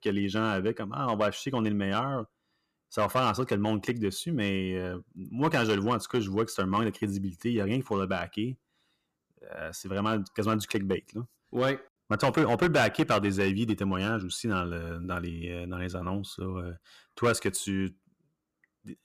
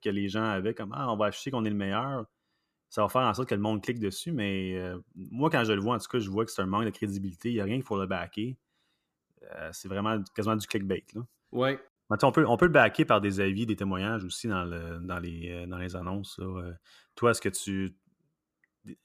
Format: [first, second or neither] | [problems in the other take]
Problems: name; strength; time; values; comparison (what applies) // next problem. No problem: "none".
second | distortion; slight; 3% of the sound clipped